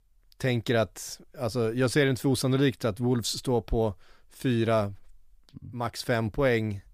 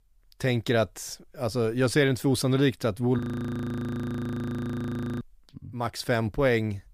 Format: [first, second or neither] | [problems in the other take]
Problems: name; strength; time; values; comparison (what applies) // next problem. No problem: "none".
first | audio freezing; at 3 s for 2 s